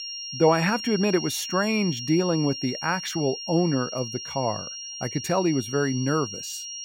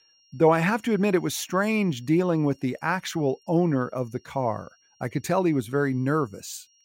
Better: second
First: high-pitched whine; loud; throughout; 5.5 kHz, 8 dB below the speech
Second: high-pitched whine; faint; throughout; 5.5 kHz, 35 dB below the speech

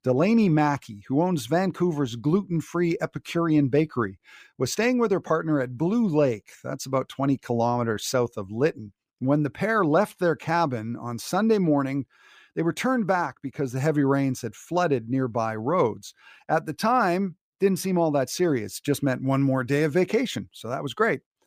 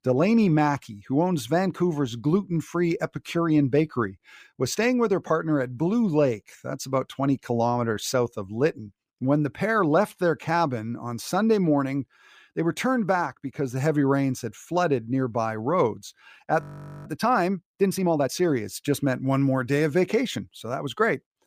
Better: first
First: none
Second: audio freezing; at 17 s

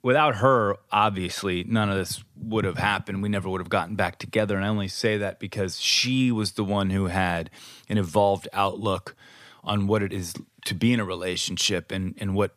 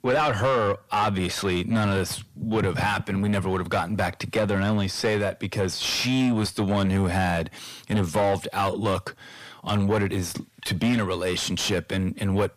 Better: first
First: none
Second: distortion; heavy; 7 dB below the speech

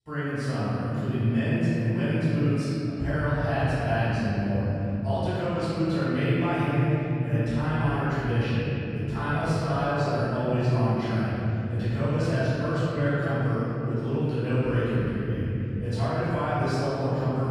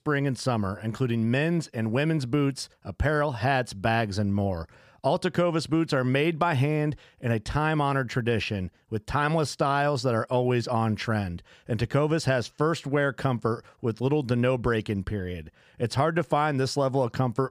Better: second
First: off-mic speech; far // room echo; strong; dies away in 3 s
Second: none

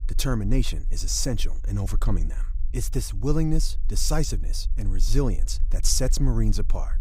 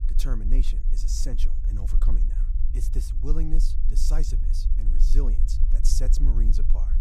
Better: first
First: low rumble; faint; throughout; 25 dB below the speech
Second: low rumble; loud; throughout; 9 dB below the speech

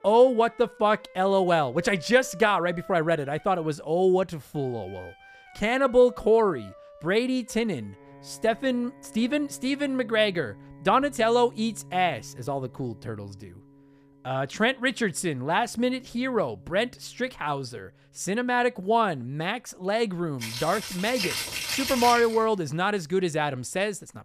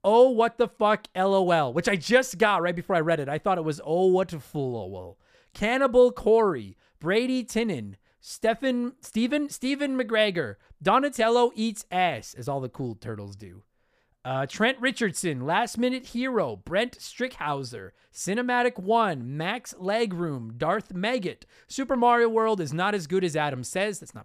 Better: second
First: background music; noticeable; throughout; 10 dB below the speech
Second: none

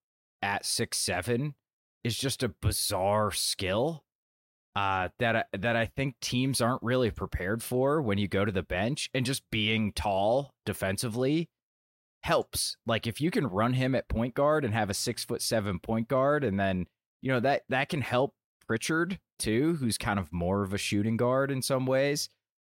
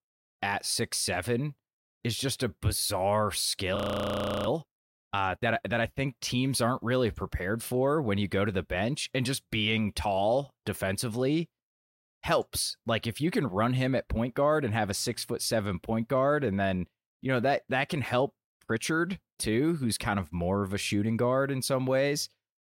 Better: first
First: none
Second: audio freezing; at 4 s for 0.5 s

